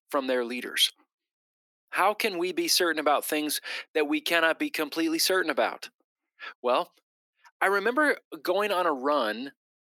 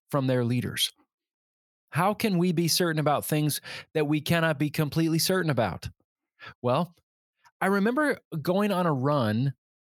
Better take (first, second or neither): second